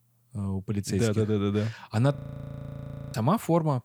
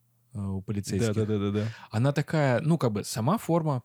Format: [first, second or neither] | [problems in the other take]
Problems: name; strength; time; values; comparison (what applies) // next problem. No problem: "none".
second | audio freezing; at 2 s for 1 s